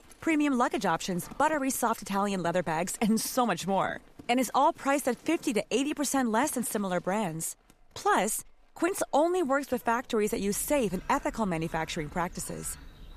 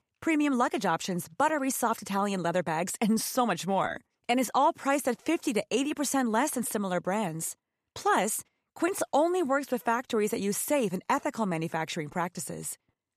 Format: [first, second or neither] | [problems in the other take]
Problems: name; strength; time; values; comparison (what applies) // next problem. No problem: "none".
second | animal sounds; faint; throughout; 25 dB below the speech